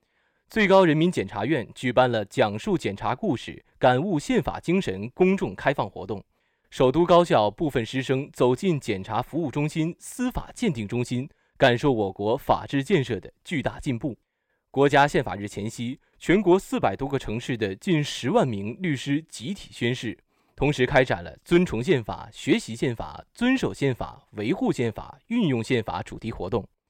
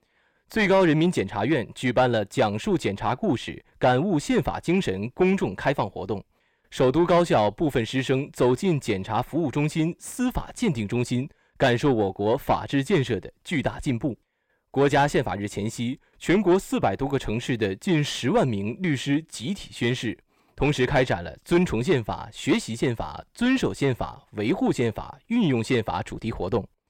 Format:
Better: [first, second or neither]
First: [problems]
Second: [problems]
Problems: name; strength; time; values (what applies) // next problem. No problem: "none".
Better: first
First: none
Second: distortion; slight; 10 dB below the speech